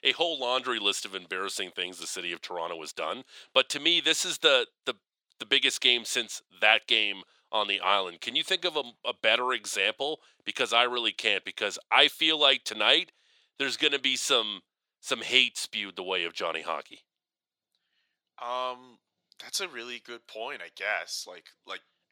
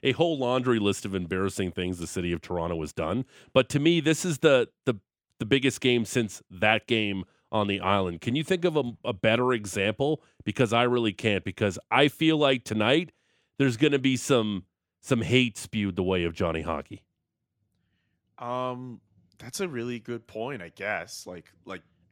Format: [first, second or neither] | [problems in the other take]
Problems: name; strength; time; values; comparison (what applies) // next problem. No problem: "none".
second | thin; very; fading below 650 Hz